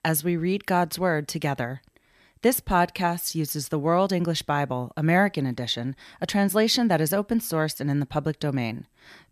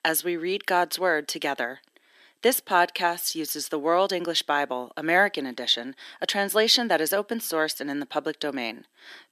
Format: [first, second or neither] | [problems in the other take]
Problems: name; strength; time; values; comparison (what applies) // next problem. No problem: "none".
first | thin; somewhat; fading below 300 Hz